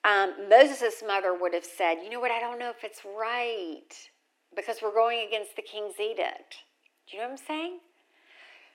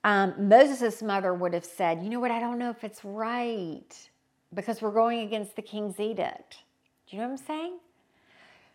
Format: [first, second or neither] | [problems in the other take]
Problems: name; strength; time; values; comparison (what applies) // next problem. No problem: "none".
second | thin; somewhat; fading below 300 Hz